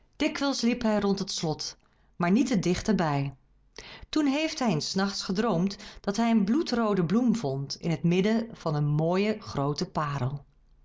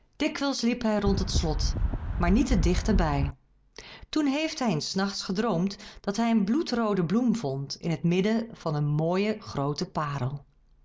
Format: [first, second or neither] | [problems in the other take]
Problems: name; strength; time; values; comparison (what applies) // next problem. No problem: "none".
first | background sound (Wind); 1 dB above the speech